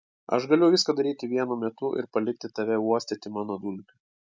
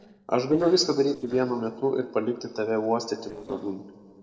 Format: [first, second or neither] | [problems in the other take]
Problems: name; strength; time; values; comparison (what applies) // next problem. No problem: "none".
first | noise reduction (neural separator model SepFormer DNS4)